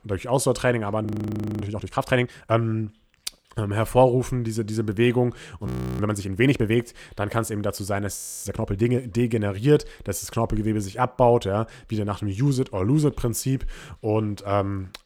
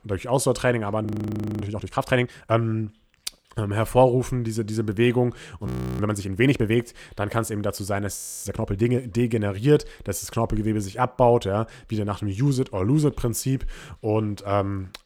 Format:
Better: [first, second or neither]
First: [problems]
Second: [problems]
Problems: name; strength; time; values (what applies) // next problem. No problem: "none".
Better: neither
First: audio freezing; at 1 s for 0.5 s, at 5.5 s and at 8 s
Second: audio freezing; at 1 s for 0.5 s, at 5.5 s and at 8 s